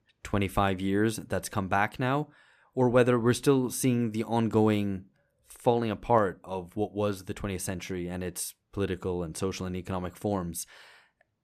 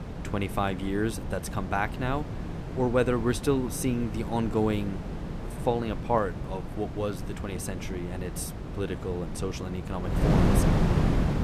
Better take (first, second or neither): first